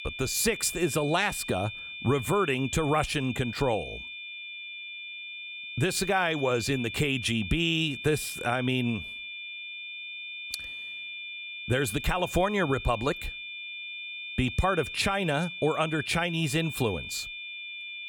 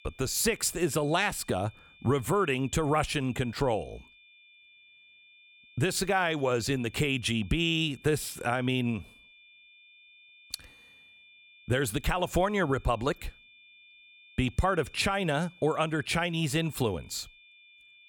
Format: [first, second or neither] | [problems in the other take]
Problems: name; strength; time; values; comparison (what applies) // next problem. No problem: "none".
second | high-pitched whine; loud; throughout; 2.5 kHz, 9 dB below the speech; faint in the second